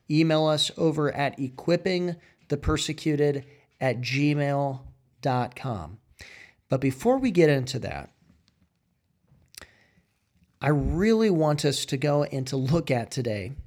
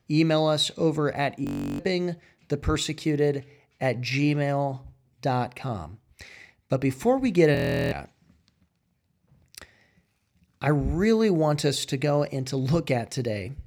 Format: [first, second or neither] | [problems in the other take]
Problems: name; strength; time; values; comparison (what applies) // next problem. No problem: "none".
first | audio freezing; at 1.5 s and at 7.5 s